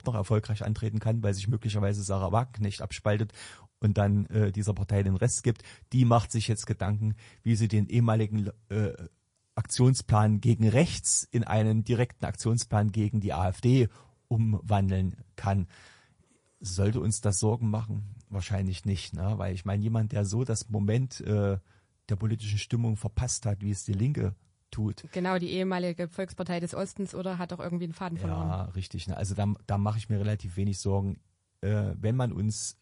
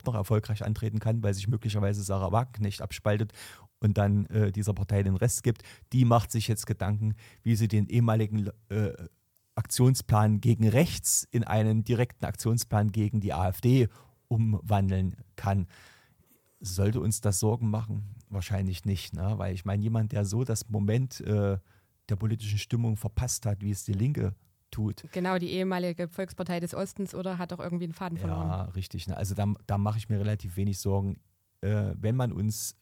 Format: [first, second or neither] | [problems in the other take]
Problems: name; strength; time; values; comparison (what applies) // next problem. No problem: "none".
second | garbled, watery; slightly; nothing above 10.5 kHz